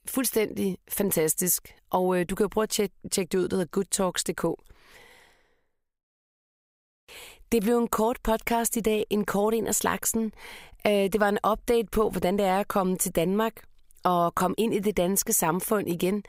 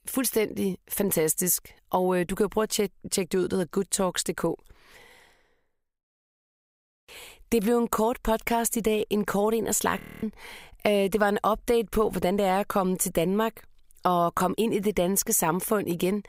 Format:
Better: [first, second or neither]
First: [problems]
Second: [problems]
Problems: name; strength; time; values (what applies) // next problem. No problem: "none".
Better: first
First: none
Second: audio freezing; at 10 s